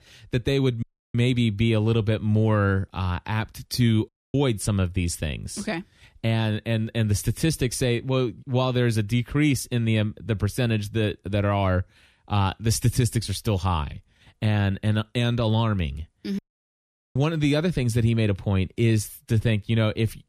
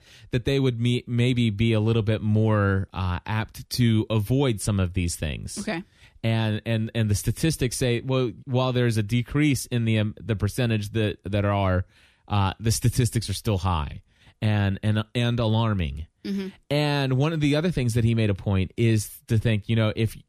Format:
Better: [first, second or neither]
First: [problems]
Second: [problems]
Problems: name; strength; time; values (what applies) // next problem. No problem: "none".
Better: second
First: audio cutting out; at 1 s, at 4 s and at 16 s for 1 s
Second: none